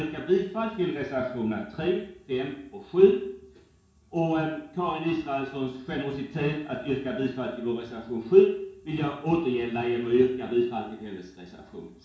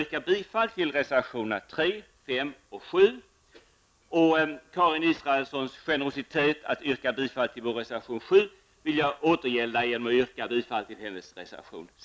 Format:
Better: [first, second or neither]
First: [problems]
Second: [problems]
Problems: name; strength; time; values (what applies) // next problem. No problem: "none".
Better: second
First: room echo; dies away in 0.6 s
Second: none